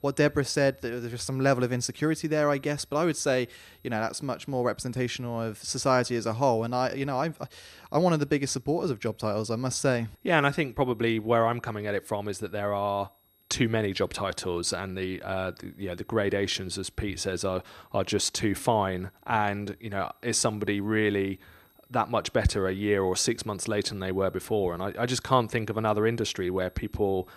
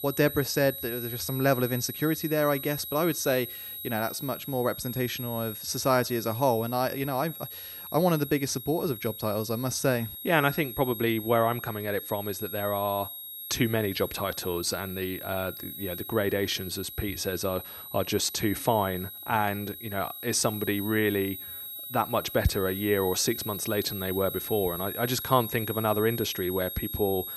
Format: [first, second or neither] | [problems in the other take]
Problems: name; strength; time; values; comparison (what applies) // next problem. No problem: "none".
first | high-pitched whine; loud; throughout; 11.5 kHz, 8 dB below the speech; faint in the first